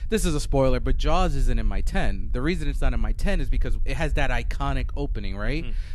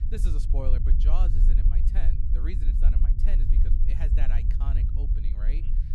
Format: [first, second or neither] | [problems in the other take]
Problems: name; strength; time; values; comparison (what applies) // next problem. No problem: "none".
first | low rumble; loud; throughout; 2 dB below the speech; faint in the first